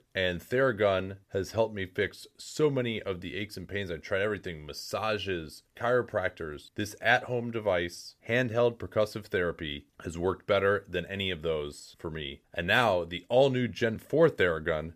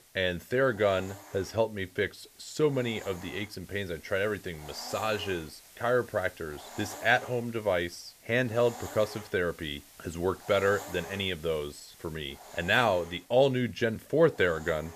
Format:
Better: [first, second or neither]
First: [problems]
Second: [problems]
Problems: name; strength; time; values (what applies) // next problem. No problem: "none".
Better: first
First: none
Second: hiss; noticeable; throughout; 20 dB below the speech